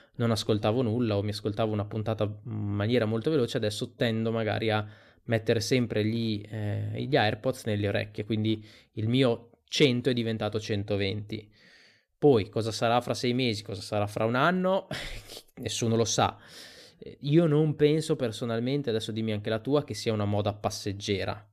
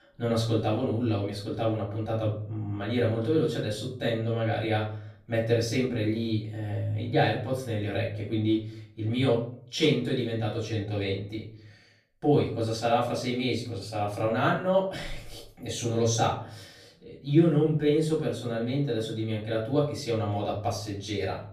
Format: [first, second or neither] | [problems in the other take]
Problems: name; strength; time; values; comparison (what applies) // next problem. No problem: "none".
first | off-mic speech; far // room echo; slight; dies away in 0.4 s